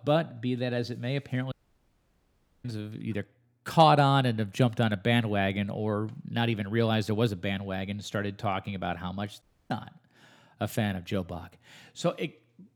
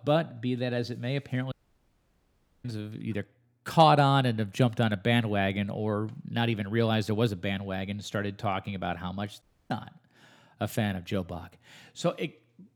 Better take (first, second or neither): neither